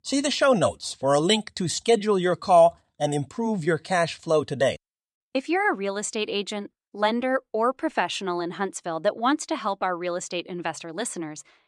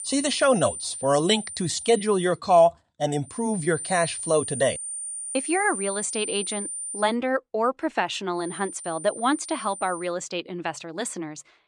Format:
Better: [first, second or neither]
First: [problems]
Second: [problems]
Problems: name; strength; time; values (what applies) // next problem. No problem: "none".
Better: first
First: none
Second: high-pitched whine; loud; until 2.5 s, from 3.5 to 7 s and from 8.5 to 10 s; 9 kHz, 7 dB below the speech